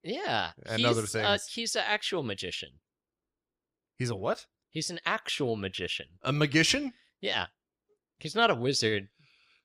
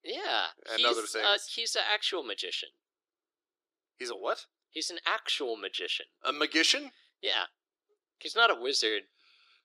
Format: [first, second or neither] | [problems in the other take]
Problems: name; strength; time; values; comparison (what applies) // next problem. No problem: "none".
first | thin; very; fading below 350 Hz